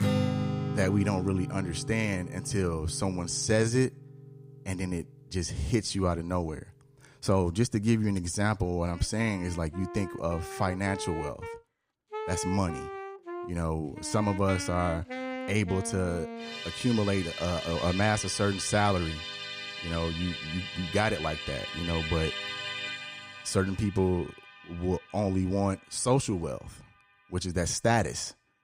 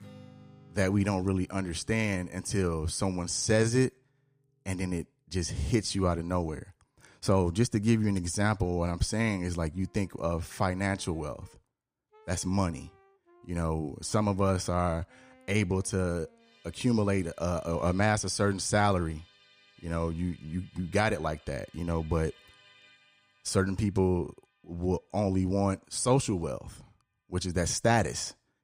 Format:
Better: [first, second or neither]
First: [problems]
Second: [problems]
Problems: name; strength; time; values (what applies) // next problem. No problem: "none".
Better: second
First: background music; loud; throughout; 7 dB below the speech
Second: background music; faint; throughout; 30 dB below the speech